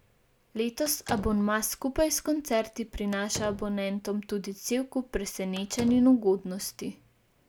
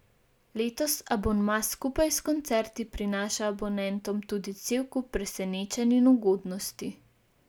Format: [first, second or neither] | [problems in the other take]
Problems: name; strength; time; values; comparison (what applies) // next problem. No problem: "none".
second | background sound (Slam); 16 dB below the speech